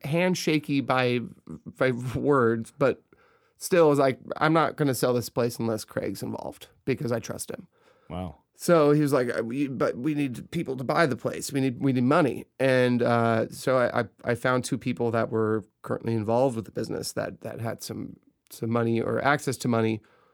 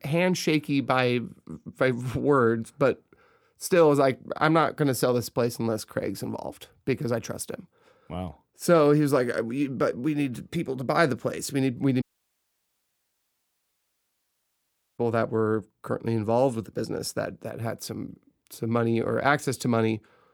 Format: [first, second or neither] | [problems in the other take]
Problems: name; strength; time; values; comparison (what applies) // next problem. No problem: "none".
first | audio cutting out; at 12 s for 3 s